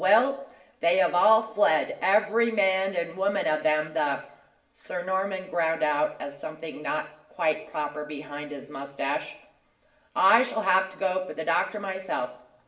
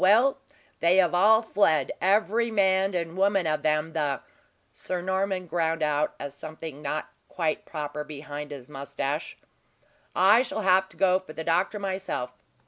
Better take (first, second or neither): second